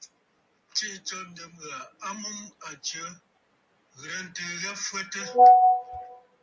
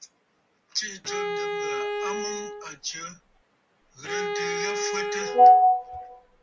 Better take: first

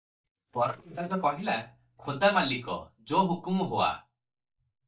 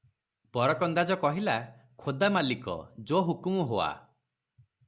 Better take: second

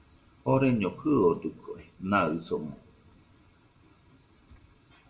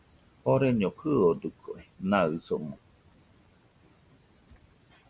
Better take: second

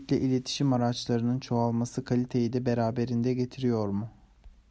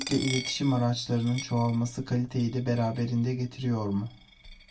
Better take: first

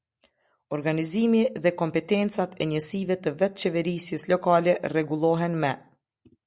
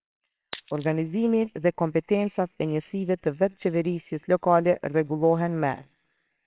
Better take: first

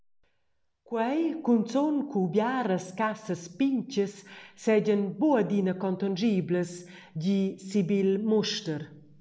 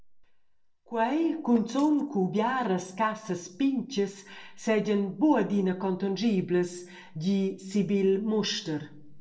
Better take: first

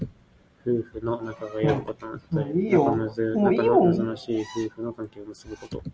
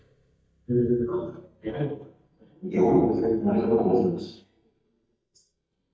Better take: first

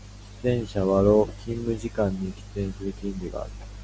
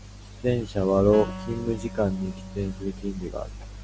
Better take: first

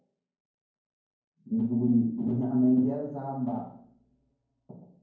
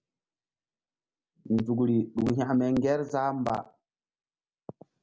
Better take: second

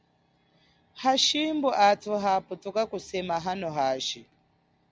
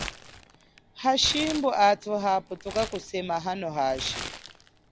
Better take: first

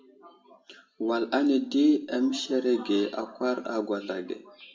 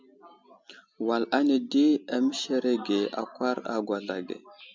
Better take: second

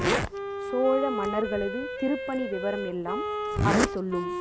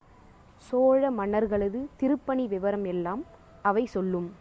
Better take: second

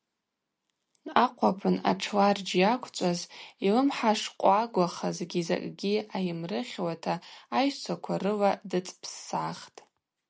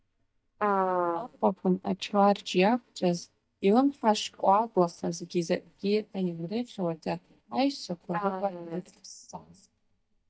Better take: first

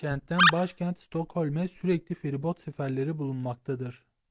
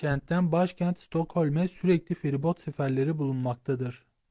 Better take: second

